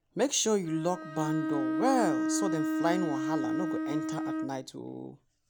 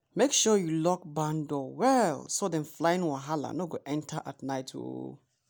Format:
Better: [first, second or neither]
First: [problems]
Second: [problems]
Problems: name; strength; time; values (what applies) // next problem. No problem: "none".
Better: second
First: background sound (Bowed string instrument); as loud as the speech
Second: none